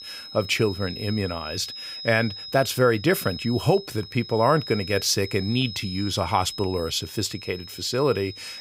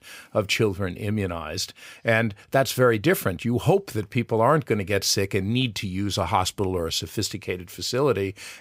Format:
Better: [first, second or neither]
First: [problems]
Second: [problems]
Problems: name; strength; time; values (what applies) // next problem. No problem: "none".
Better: second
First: high-pitched whine; noticeable; throughout; 5 kHz, 10 dB below the speech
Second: none